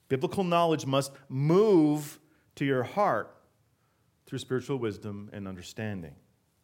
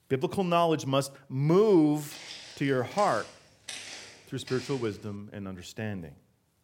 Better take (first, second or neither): first